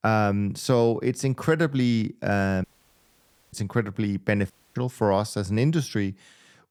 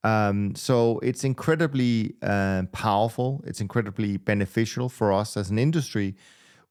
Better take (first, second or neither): second